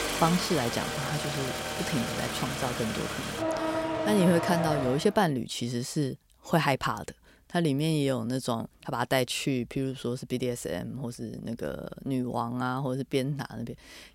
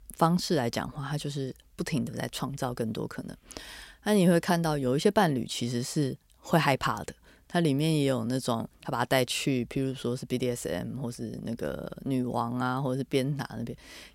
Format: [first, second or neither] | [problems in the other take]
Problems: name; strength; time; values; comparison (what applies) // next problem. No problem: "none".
second | traffic noise; loud; until 5 s; 2 dB below the speech